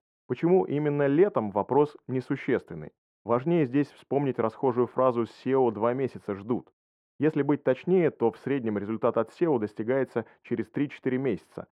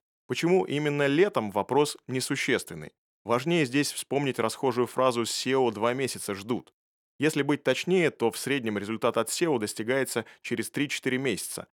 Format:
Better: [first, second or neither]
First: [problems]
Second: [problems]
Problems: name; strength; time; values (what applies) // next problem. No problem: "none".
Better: second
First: muffled; very; fading above 3 kHz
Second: none